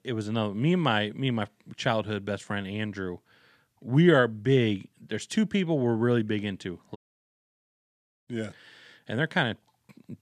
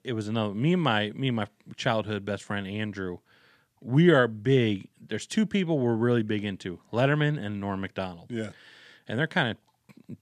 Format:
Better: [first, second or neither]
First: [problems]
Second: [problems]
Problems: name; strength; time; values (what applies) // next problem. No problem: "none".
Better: second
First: audio cutting out; at 7 s for 1.5 s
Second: none